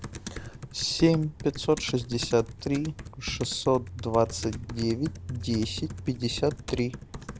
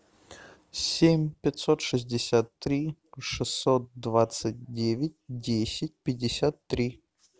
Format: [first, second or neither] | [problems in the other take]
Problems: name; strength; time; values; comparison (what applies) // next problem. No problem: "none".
second | background sound (Computer keyboard); 11 dB below the speech